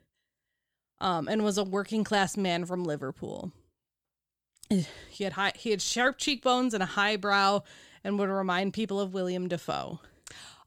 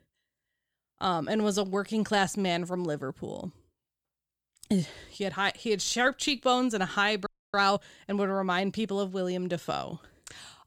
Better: first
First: none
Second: audio freezing; at 7.5 s

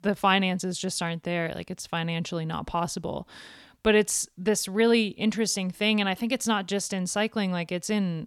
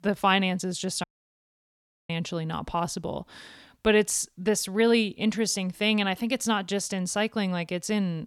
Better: first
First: none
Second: audio cutting out; at 1 s for 1 s

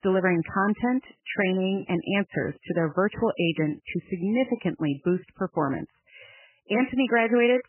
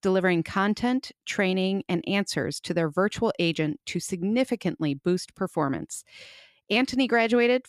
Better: second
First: garbled, watery; badly; nothing above 3 kHz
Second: none

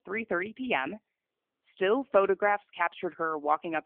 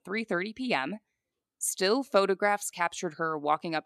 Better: second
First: phone-call audio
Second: none

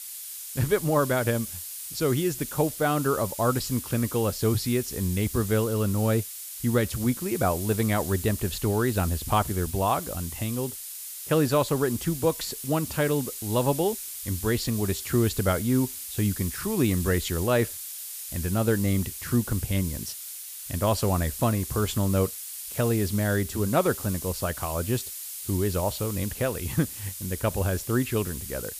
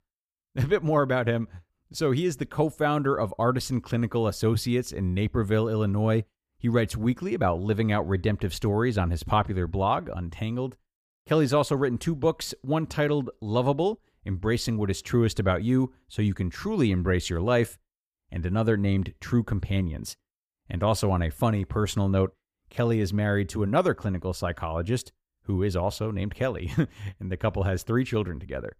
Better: second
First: hiss; loud; throughout; 8 dB below the speech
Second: none

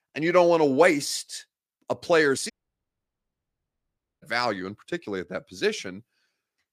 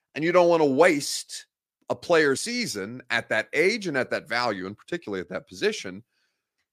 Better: second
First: audio cutting out; at 2.5 s for 1.5 s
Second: none

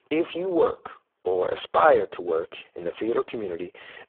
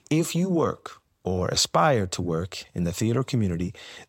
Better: second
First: phone-call audio; poor line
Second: none

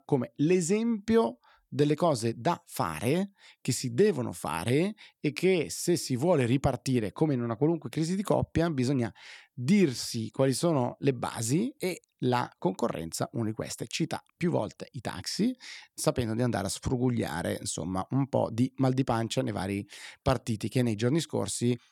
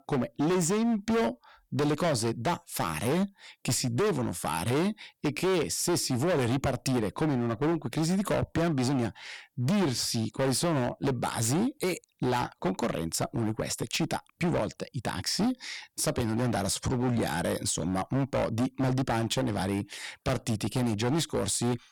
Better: first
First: none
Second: distortion; heavy; 19% of the sound clipped

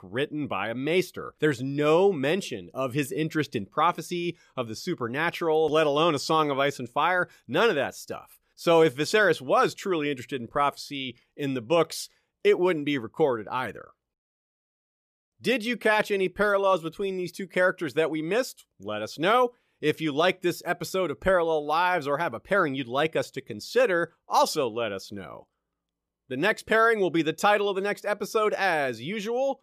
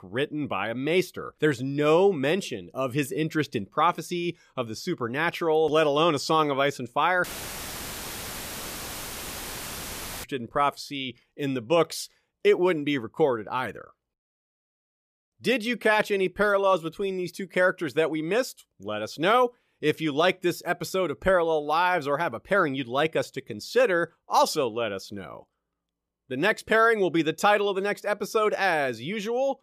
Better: first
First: none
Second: audio cutting out; filled with static; at 7 s for 3 s

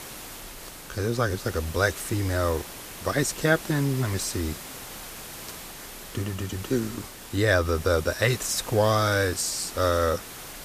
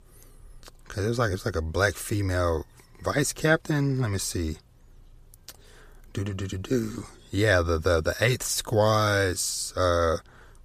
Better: second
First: hiss; noticeable; throughout; 15 dB below the speech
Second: none

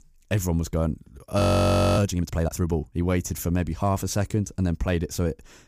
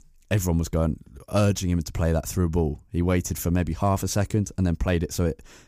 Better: second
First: audio freezing; at 1.5 s for 0.5 s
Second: none

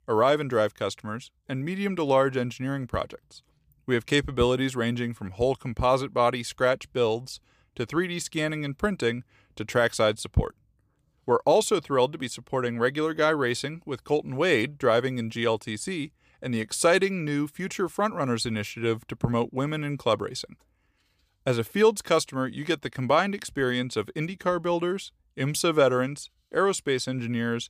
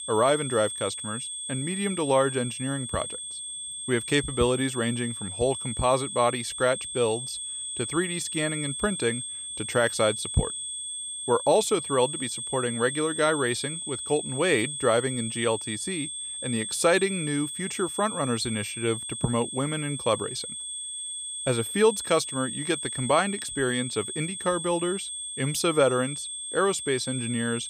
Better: first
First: none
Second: high-pitched whine; loud; throughout; 8.5 kHz, 5 dB below the speech

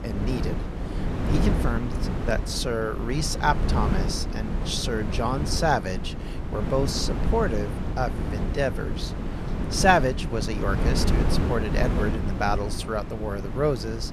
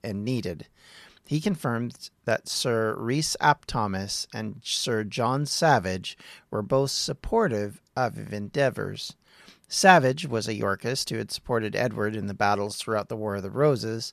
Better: second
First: wind noise on the microphone; heavy; 8 dB below the speech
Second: none

